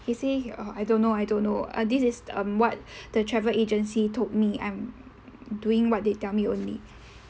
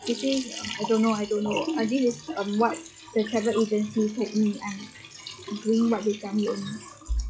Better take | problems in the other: first | noise reduction (classical method log-MMSE)

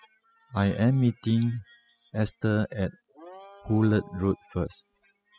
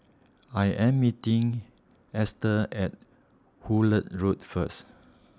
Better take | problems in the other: second | noise reduction (classical method spectral subtraction)

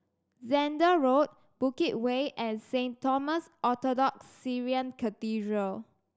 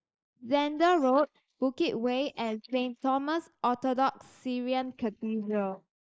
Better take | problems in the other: first | noise reduction (neural mask model Resemble Enhance denoiser)

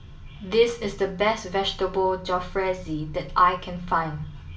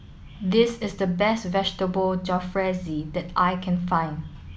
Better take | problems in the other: second | room echo; dies away in 0.2 s

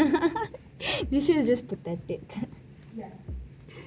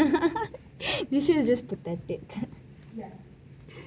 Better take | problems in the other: second | background sound (Bass drum); 11 dB below the speech

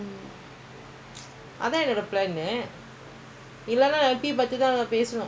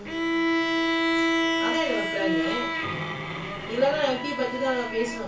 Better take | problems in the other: first | background sound (Bowed string instrument); 3 dB above the speech // room echo; dies away in 0.3 s

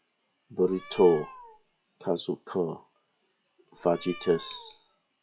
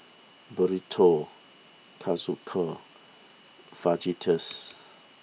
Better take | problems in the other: second | noise reduction (classical method log-MMSE)

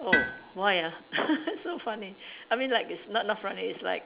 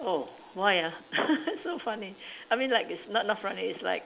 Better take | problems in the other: second | background sound (Tools); 5 dB below the speech

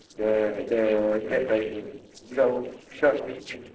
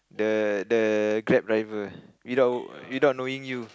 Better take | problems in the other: second | noise reduction (neural separator model SepFormer DNS4)

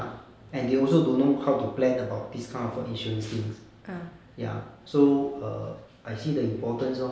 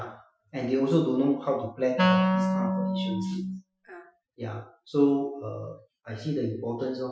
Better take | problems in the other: first | noise reduction (classical method Wiener filter)

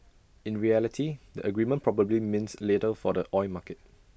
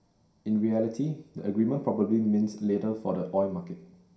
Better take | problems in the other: first | room echo; dies away in 0.5 s

